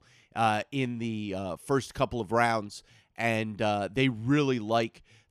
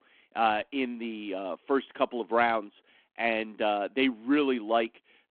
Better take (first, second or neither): first